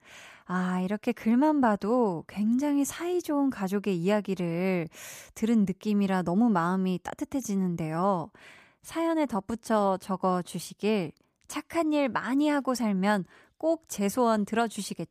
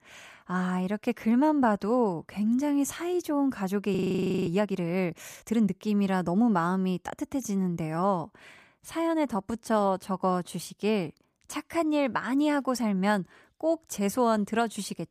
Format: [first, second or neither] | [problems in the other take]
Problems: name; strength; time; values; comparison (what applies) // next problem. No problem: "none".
first | audio freezing; at 4 s for 0.5 s